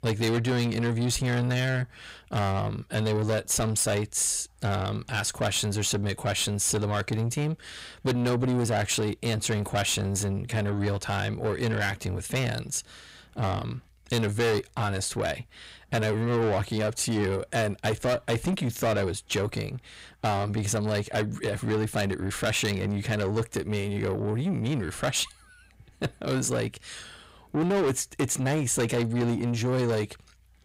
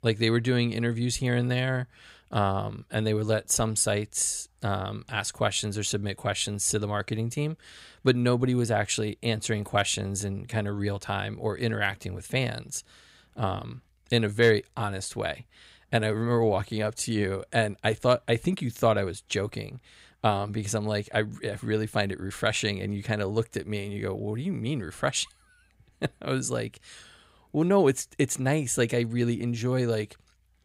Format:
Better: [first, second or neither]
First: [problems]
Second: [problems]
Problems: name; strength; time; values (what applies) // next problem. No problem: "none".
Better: second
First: distortion; heavy; 7 dB below the speech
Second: none